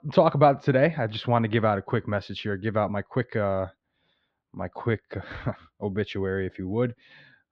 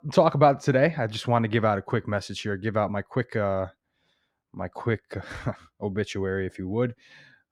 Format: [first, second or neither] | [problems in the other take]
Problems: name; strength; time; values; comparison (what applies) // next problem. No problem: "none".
second | muffled; very slightly; fading above 4 kHz